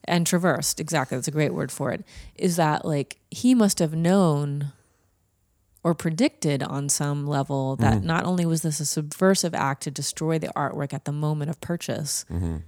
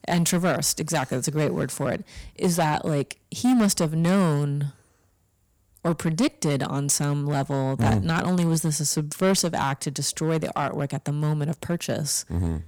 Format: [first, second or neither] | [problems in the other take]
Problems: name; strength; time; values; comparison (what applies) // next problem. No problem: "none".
first | distortion; slight; 6% of the sound clipped